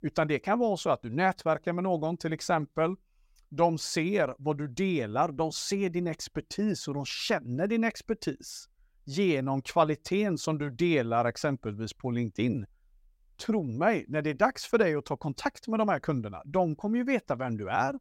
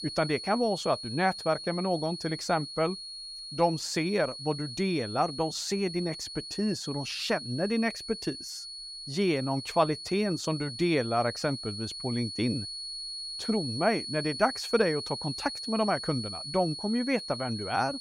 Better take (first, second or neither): first